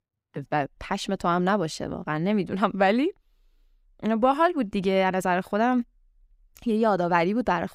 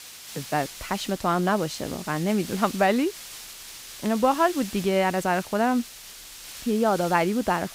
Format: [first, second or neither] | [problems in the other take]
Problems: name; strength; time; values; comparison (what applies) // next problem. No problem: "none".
first | hiss; noticeable; throughout; 15 dB below the speech